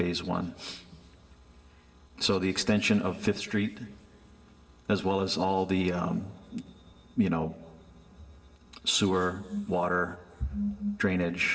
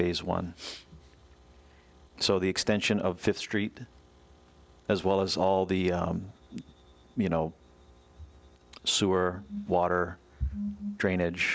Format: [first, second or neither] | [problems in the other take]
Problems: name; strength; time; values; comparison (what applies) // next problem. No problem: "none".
second | room echo; dies away in 2.3 s